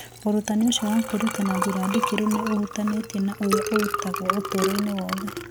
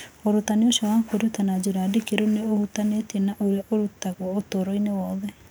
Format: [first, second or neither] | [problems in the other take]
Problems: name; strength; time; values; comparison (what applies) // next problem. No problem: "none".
second | background sound (Liquid); 5 dB below the speech